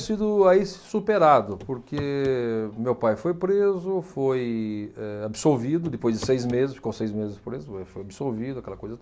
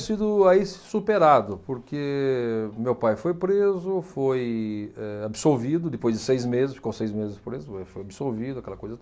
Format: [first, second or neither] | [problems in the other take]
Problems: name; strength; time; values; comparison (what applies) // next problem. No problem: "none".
second | background sound (Walk, footsteps / Run / Wood); 17 dB below the speech